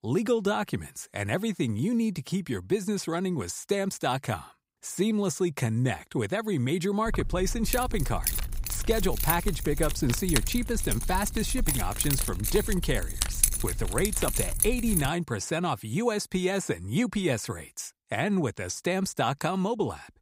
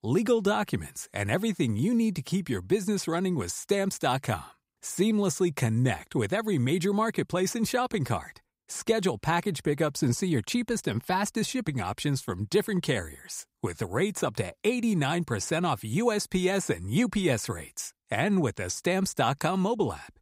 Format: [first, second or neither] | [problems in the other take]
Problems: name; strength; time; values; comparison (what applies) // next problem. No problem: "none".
second | jangling keys; loud; from 7 to 15 s; peak 5 dB above the speech